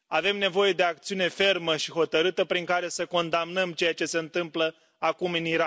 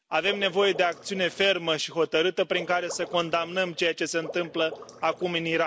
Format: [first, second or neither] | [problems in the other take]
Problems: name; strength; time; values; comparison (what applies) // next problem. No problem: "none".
first | background sound (Water / Liquid); 15 dB below the speech